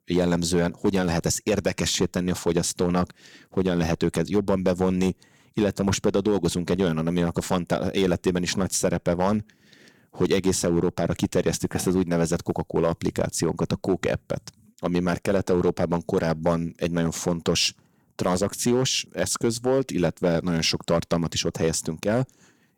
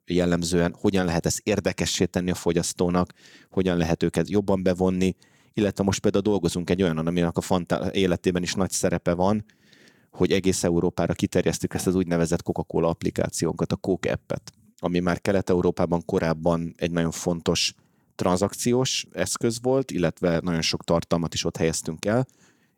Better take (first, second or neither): second